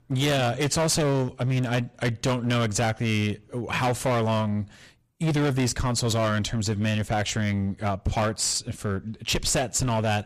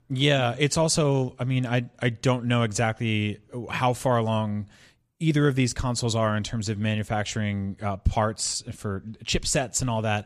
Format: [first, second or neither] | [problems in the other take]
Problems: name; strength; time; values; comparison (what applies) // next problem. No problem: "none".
second | distortion; heavy; 18% of the sound clipped